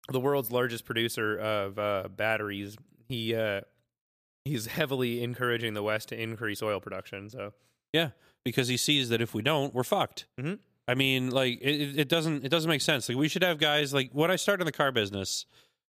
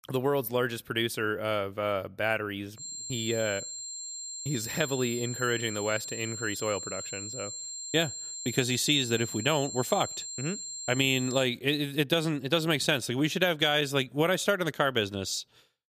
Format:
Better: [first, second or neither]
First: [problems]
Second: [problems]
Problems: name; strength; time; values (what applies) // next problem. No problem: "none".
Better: first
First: none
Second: high-pitched whine; loud; from 3 to 11 s; 7.5 kHz, 7 dB below the speech